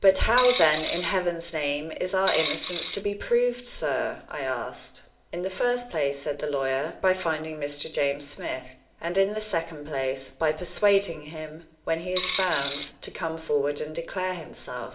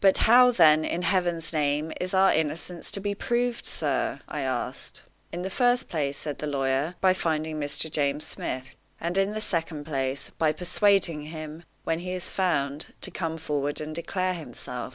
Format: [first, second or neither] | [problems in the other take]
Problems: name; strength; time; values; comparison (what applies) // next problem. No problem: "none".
second | background sound (Coin (dropping)); 5 dB below the speech // room echo; dies away in 0.6 s